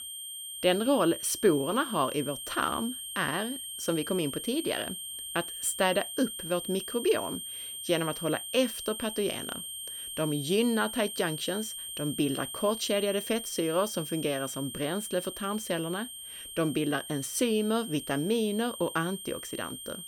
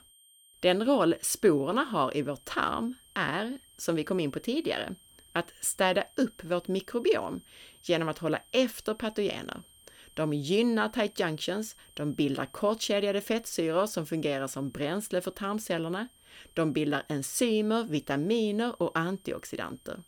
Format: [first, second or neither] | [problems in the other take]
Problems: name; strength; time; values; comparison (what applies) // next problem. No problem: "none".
second | high-pitched whine; loud; throughout; 3 kHz, 7 dB below the speech; faint in the second